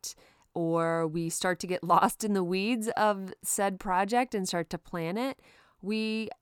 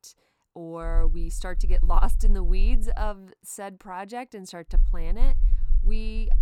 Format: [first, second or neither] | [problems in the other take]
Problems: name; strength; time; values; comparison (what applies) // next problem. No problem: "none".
first | low rumble; noticeable; from 1 to 3 s and from 4.5 s on; 20 dB below the speech